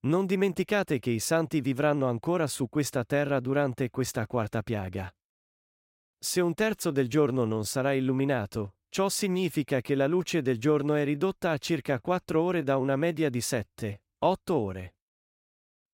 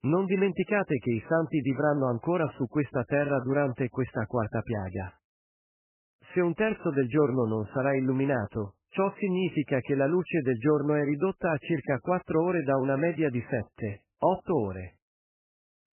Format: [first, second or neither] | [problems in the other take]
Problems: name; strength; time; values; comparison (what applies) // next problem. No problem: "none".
first | garbled, watery; badly; nothing above 3 kHz